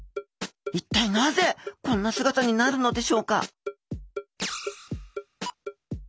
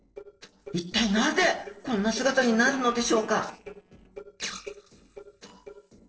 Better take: first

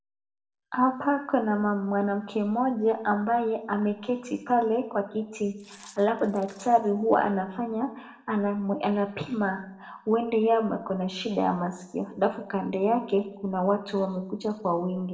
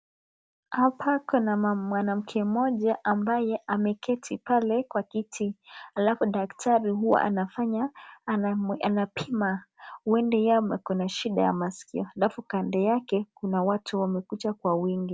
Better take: second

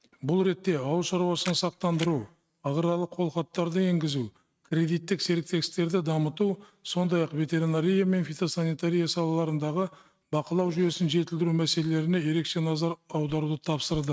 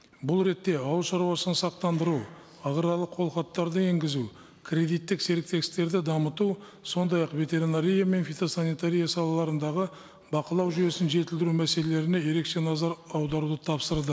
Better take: second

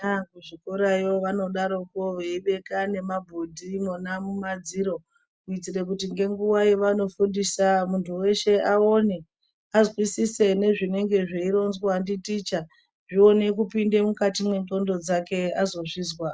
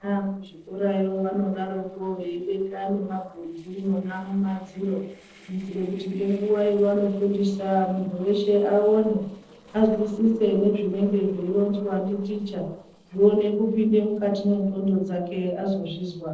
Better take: first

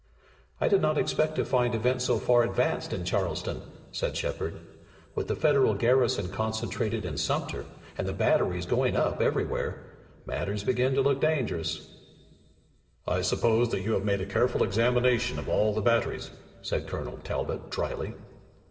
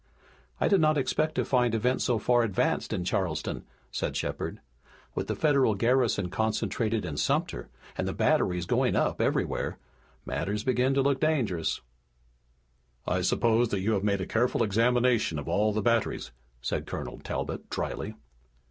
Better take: second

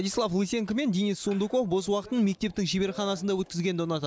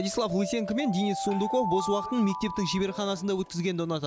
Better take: first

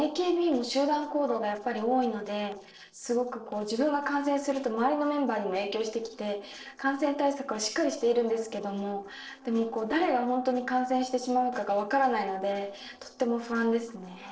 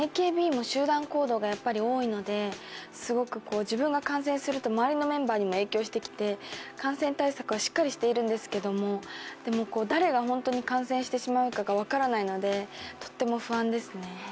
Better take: second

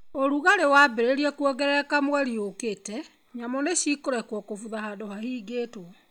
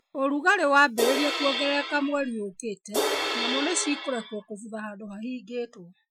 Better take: first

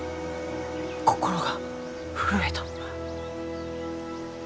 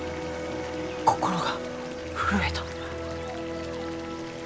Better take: first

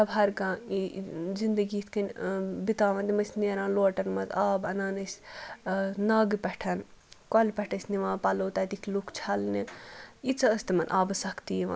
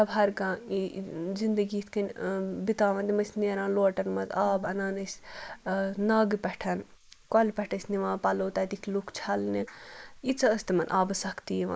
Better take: first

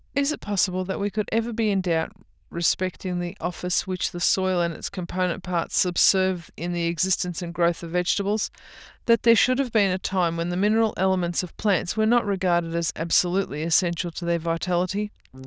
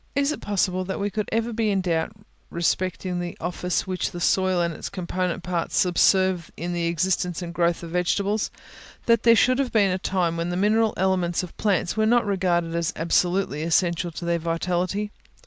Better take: second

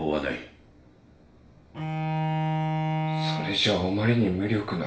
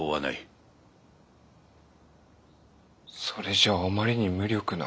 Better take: second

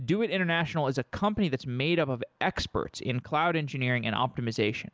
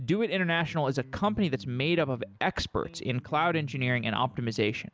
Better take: first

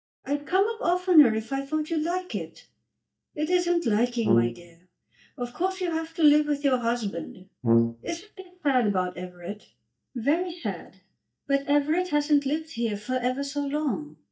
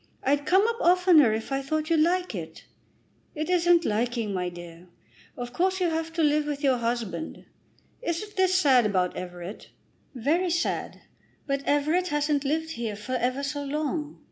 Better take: second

